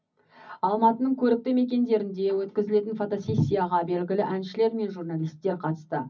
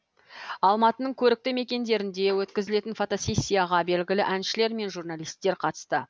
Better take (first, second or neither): second